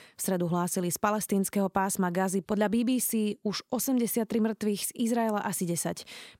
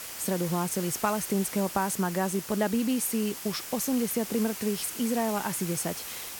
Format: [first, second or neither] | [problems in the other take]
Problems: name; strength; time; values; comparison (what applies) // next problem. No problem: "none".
first | hiss; loud; throughout; 8 dB below the speech